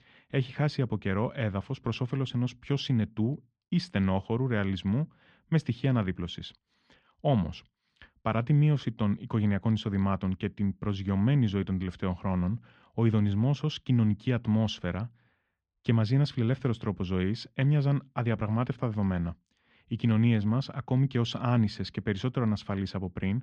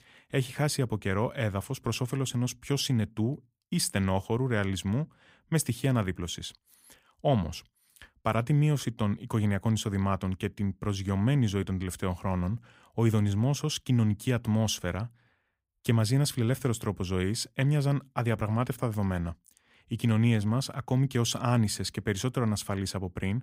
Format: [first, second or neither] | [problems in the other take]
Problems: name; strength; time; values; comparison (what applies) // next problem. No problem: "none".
second | muffled; slightly; fading above 4.5 kHz